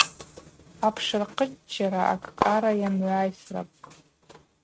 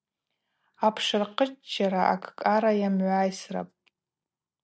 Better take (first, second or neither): second